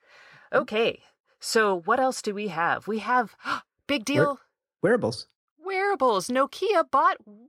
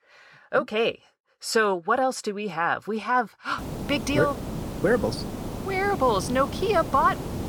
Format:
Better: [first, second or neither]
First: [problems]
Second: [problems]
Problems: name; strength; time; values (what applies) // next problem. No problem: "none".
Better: first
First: none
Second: hiss; loud; from 3.5 s on; 8 dB below the speech